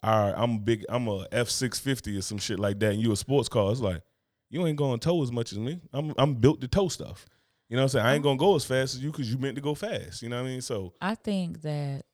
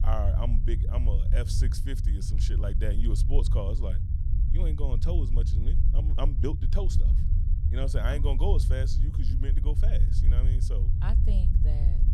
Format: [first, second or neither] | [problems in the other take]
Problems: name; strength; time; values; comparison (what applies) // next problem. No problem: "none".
first | low rumble; loud; throughout; 5 dB below the speech